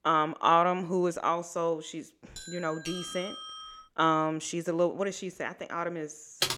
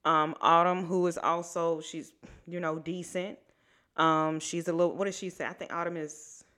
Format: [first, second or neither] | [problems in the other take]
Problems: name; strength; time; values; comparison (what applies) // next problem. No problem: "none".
second | doorbell; noticeable; from 2.5 to 4 s; peak 8 dB below the speech // keyboard typing; noticeable; at 6.5 s; peak level with the speech